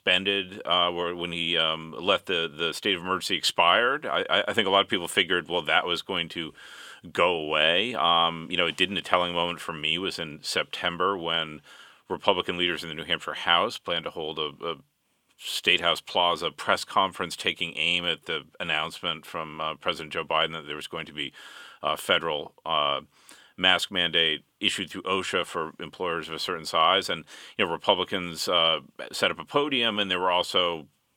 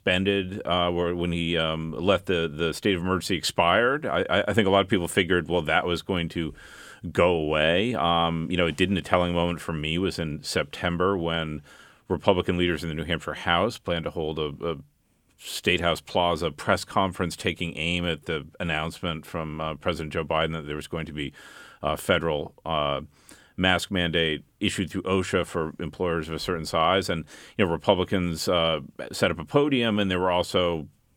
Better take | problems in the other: second | thin; somewhat; fading below 450 Hz

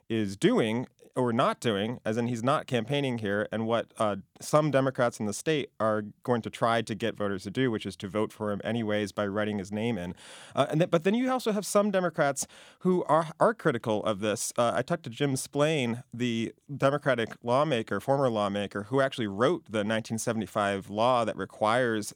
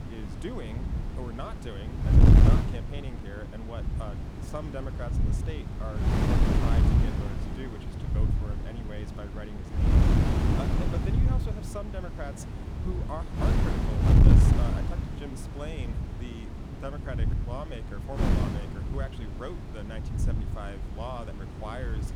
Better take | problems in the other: first | wind noise on the microphone; heavy; 3 dB above the speech

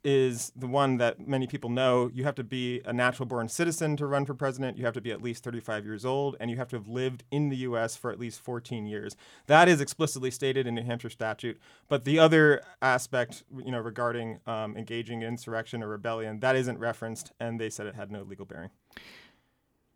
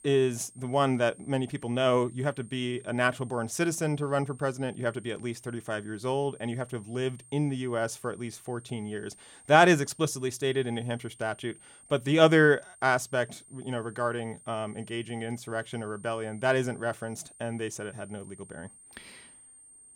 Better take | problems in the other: first | high-pitched whine; faint; throughout; 8.5 kHz, 25 dB below the speech

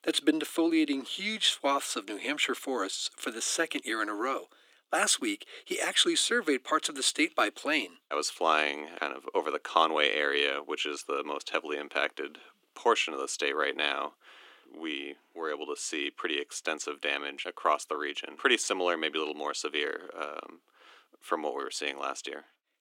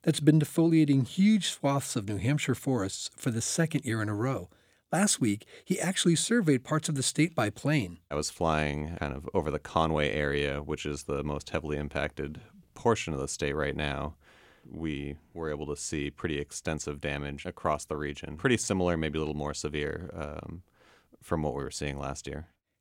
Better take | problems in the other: second | thin; somewhat; fading below 300 Hz

